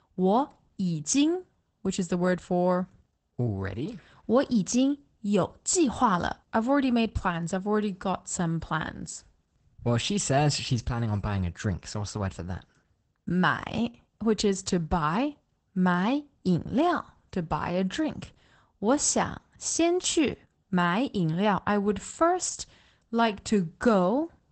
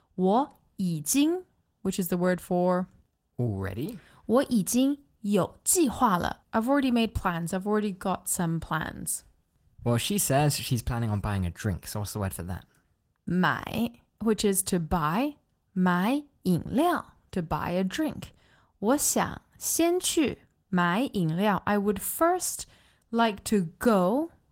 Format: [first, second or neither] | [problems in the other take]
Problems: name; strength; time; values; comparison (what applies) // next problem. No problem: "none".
second | garbled, watery; badly; nothing above 8 kHz; slightly in the second